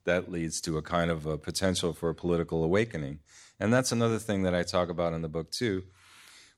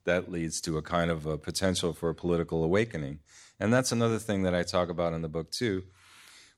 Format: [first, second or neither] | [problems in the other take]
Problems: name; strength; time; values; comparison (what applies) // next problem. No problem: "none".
neither | none